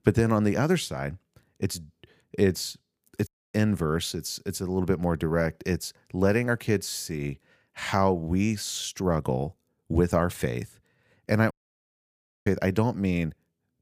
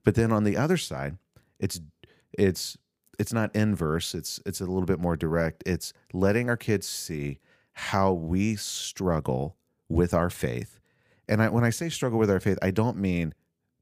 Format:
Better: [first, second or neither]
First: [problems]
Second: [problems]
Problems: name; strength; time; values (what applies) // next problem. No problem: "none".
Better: second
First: audio cutting out; at 3.5 s and at 12 s for 1 s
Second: none